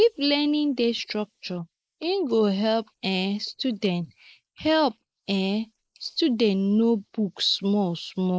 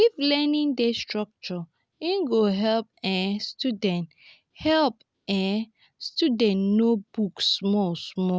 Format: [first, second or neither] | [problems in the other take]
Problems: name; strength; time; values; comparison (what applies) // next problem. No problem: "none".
second | noise reduction (neural mask model Resemble Enhance denoiser)